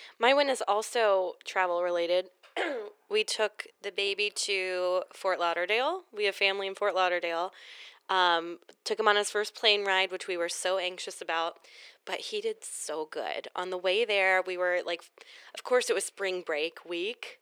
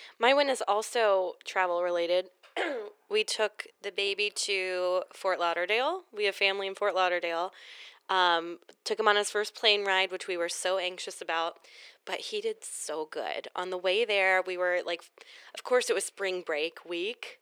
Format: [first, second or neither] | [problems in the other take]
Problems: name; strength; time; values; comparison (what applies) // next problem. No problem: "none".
neither | thin; very; fading below 400 Hz; the same in both